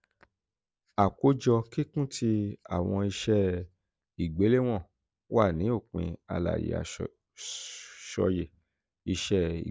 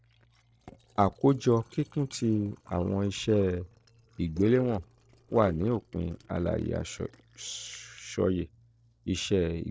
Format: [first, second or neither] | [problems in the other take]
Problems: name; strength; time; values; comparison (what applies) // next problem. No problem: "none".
first | noise reduction (neural separator model SepFormer DNS4)